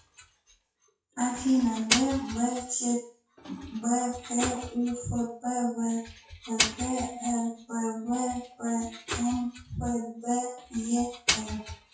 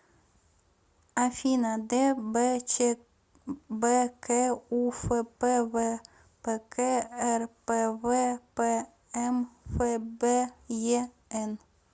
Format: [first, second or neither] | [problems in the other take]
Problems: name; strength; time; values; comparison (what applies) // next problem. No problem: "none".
second | noise reduction (classical method WPE with log-MMSE)